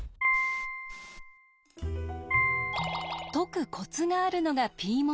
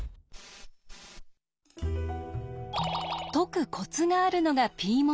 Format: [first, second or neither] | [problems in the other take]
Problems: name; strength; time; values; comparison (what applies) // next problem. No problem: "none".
second | background sound (Piano); 1 dB below the speech